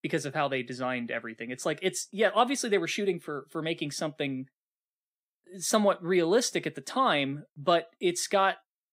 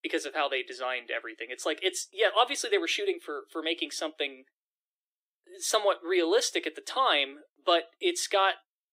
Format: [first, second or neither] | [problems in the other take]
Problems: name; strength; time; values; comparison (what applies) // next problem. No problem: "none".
first | thin; very; fading below 300 Hz